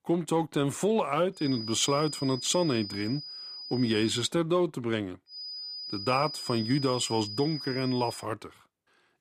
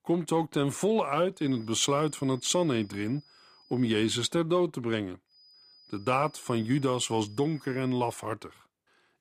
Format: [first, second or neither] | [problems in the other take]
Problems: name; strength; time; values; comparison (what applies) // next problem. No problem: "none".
second | high-pitched whine; loud; from 1.5 to 4 s and from 5.5 to 8 s; 5 kHz, 9 dB below the speech; faint in the second